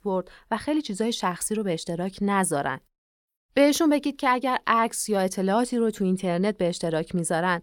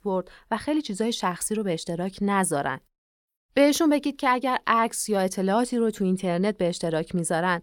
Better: neither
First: none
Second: none

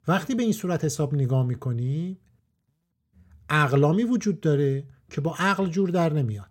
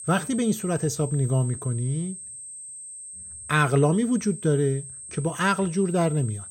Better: first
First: none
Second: high-pitched whine; noticeable; throughout; 8.5 kHz, 10 dB below the speech

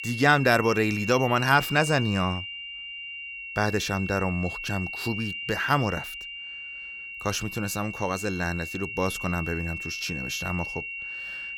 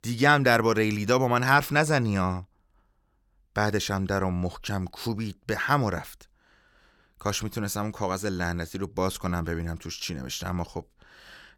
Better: second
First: high-pitched whine; loud; throughout; 3 kHz, 7 dB below the speech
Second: none

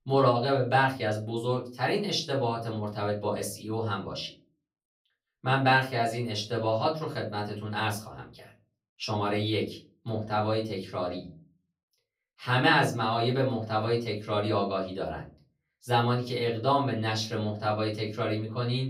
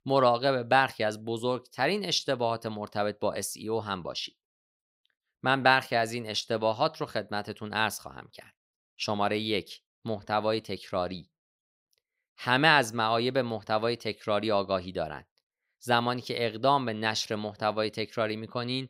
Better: second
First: off-mic speech; far // room echo; very slight; dies away in 0.4 s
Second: none

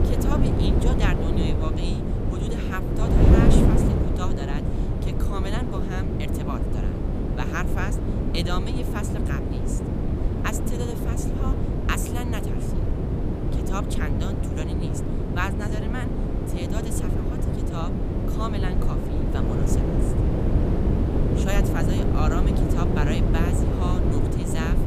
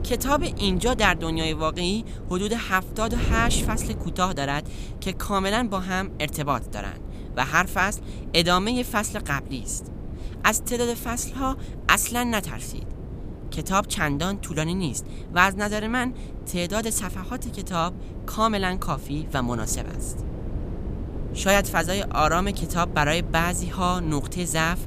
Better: second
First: wind noise on the microphone; heavy; 2 dB above the speech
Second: wind noise on the microphone; occasional gusts; 20 dB below the speech

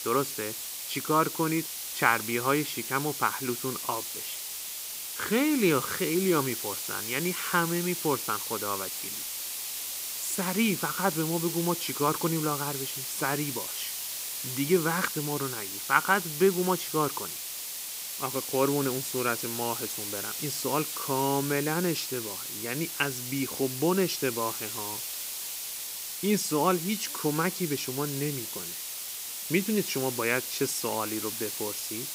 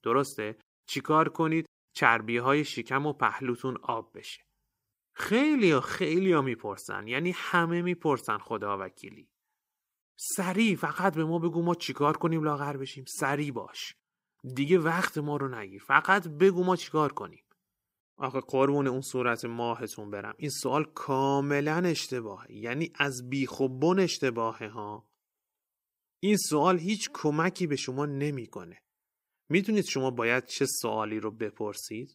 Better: second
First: hiss; loud; throughout; 3 dB below the speech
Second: none

